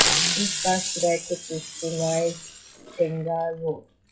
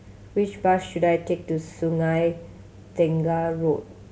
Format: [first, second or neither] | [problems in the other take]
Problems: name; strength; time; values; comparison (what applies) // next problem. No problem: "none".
second | noise reduction (classical method WPE with log-MMSE)